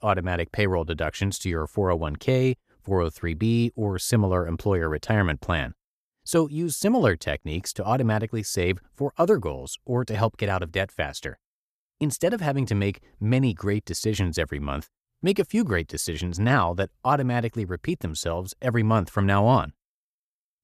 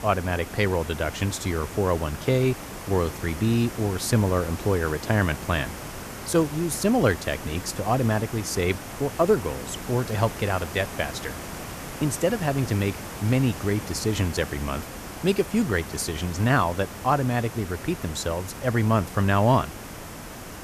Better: first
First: none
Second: hiss; noticeable; throughout; 10 dB below the speech

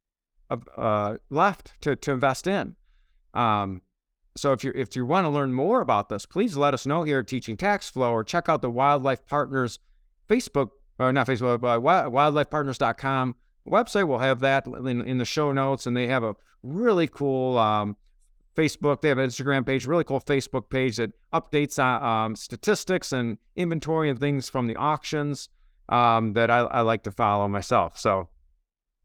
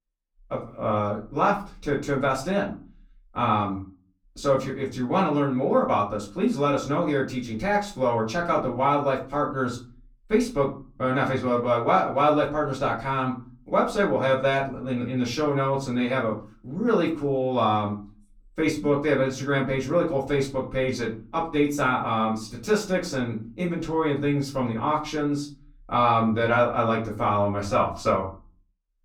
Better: first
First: none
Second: off-mic speech; far // room echo; very slight; dies away in 0.3 s

